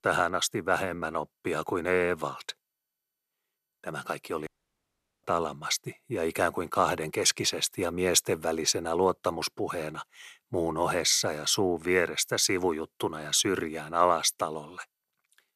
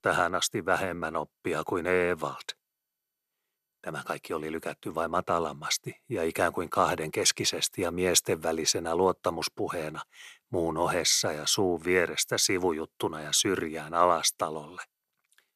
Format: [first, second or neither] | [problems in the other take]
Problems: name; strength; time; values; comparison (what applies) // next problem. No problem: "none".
second | audio cutting out; at 4.5 s for 1 s